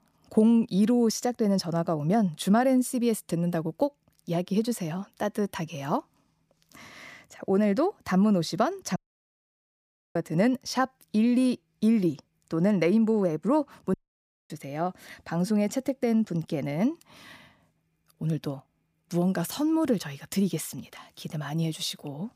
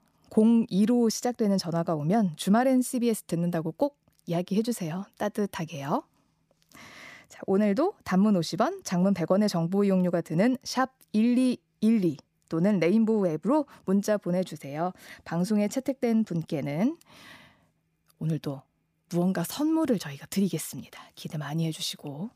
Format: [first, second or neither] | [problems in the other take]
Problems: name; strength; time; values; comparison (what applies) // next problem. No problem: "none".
second | audio cutting out; at 9 s for 1 s and at 14 s for 0.5 s